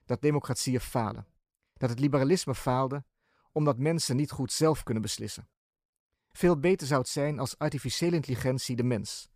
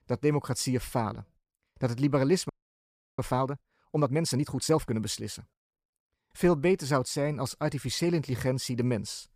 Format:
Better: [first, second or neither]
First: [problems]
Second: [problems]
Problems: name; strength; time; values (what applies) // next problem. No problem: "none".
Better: first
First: none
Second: audio freezing; at 2.5 s for 0.5 s